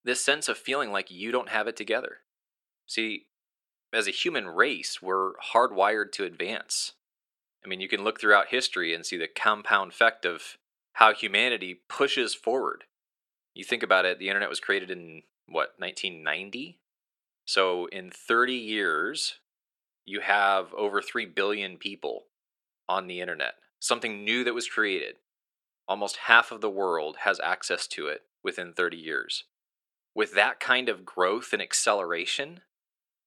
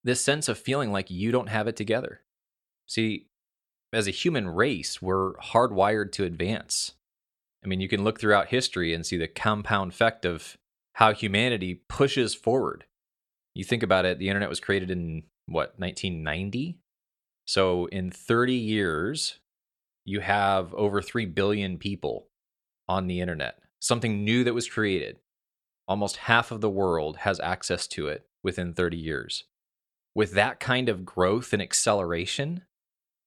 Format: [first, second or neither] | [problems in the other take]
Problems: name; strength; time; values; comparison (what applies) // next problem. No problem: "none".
second | thin; somewhat; fading below 300 Hz